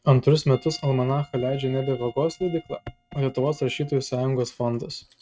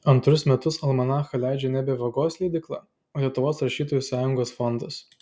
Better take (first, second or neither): second